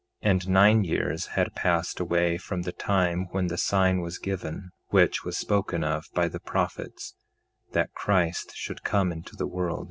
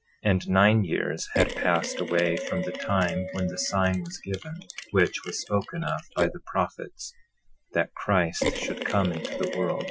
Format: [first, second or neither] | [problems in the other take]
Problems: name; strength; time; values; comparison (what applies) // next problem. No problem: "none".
first | noise reduction (classical method Wiener filter)